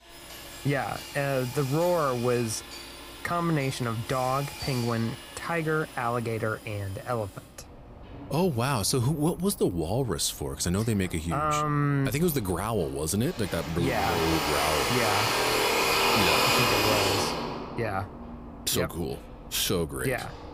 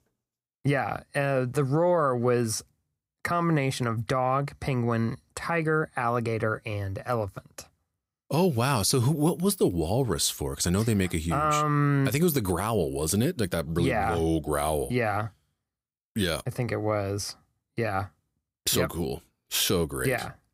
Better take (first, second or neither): second